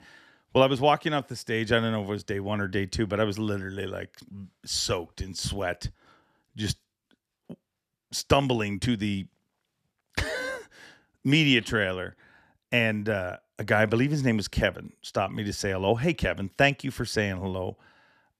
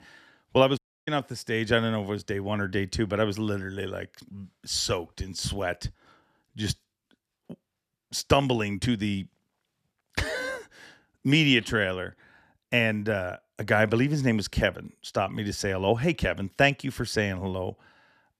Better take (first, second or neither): first